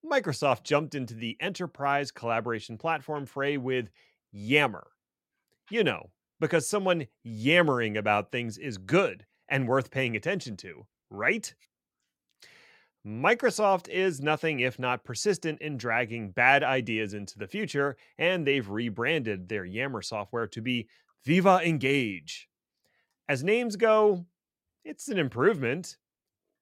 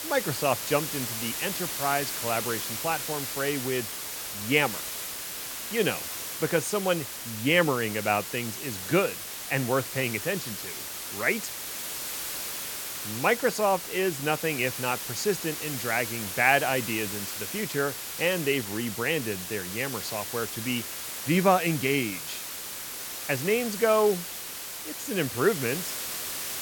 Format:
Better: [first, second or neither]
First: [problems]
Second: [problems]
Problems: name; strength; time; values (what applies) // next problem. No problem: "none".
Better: first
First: none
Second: hiss; loud; throughout; 5 dB below the speech